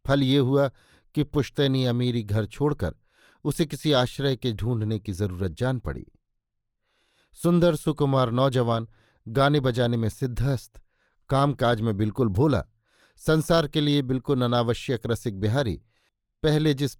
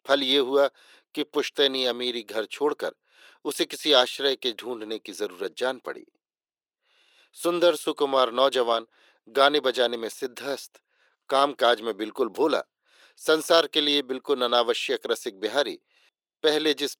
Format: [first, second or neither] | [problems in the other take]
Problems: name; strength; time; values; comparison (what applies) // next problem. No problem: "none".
first | thin; very; fading below 350 Hz